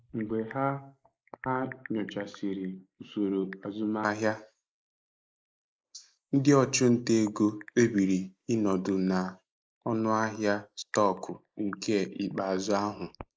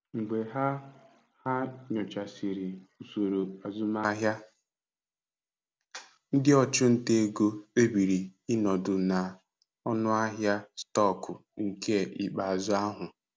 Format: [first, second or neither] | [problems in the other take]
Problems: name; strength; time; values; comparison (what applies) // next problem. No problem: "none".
second | noise reduction (neural mask model Resemble Enhance denoiser)